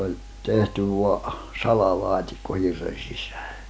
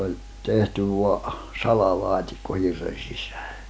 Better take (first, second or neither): second